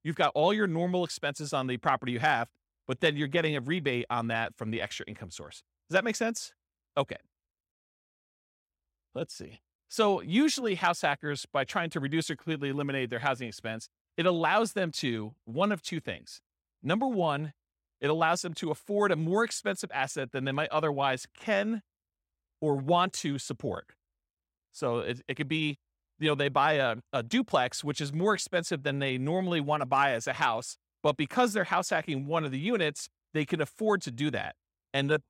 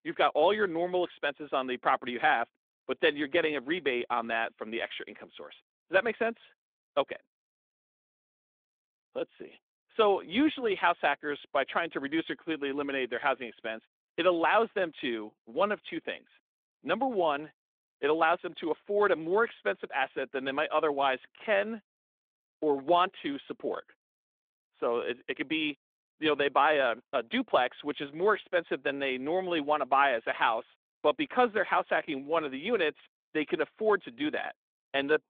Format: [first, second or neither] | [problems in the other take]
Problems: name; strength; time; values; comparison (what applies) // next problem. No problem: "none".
first | phone-call audio; nothing above 3.5 kHz